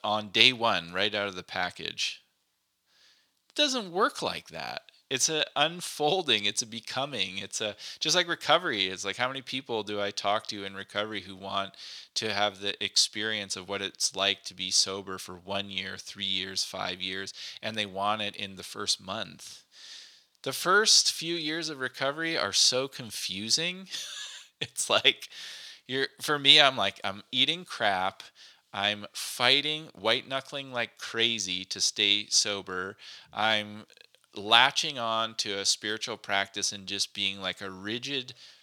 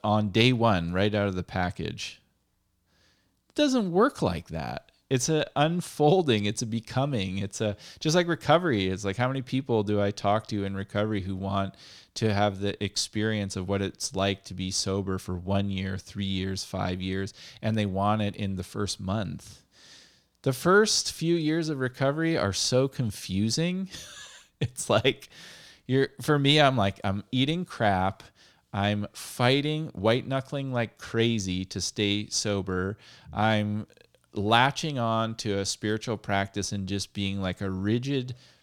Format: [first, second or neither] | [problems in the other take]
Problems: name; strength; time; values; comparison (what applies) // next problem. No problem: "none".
second | thin; somewhat; fading below 1 kHz